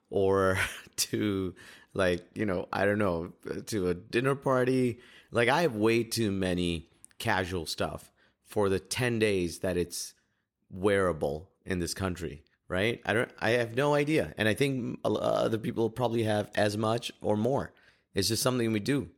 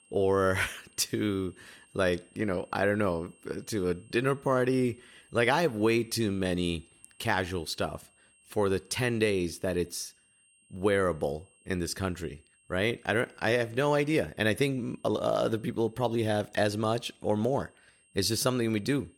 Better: first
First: none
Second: high-pitched whine; faint; throughout; 8.5 kHz, 30 dB below the speech

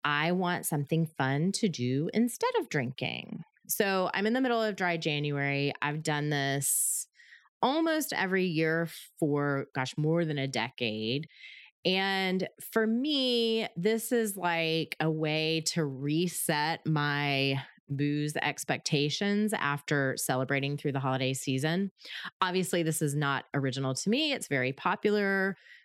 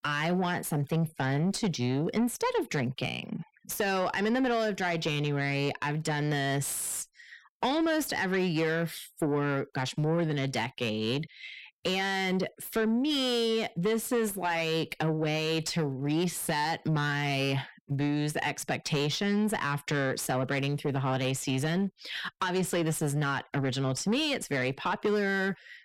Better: first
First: none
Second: distortion; slight; 10 dB below the speech

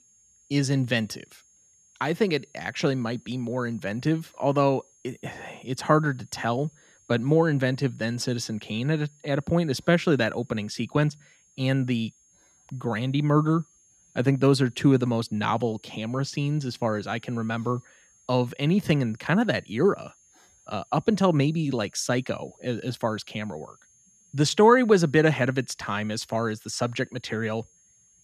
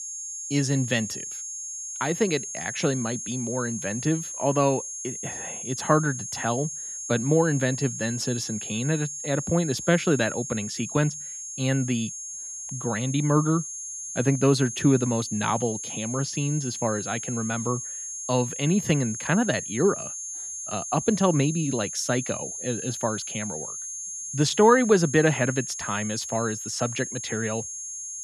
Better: first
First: high-pitched whine; faint; throughout; 6.5 kHz, 30 dB below the speech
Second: high-pitched whine; loud; throughout; 6.5 kHz, 6 dB below the speech

